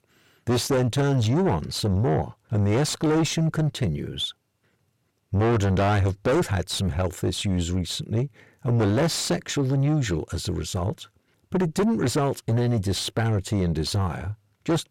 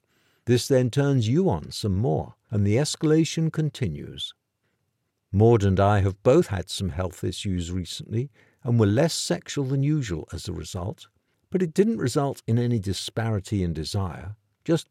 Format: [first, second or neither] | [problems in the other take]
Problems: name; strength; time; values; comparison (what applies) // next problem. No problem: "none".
second | distortion; heavy; 6 dB below the speech